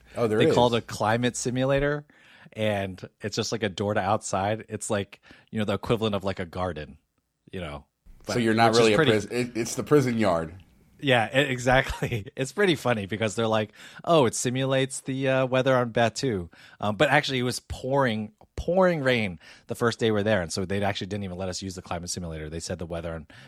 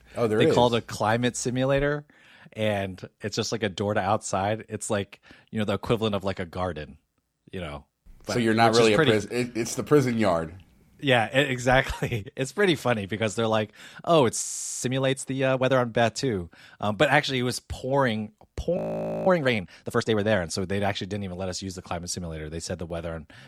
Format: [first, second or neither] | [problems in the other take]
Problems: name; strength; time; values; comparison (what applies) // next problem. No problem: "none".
first | audio freezing; at 14 s and at 19 s